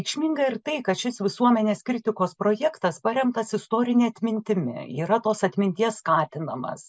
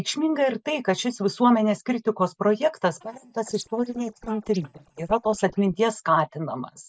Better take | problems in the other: first | noise reduction (neural mask model DeepFilterNet 3)

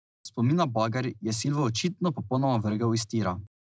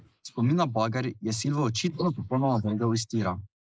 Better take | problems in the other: first | noise reduction (neural mask model Resemble Enhance denoiser)

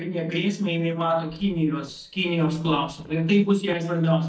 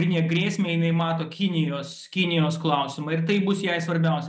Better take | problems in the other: second | noise reduction (neural mask model DeepFilterNet 3)

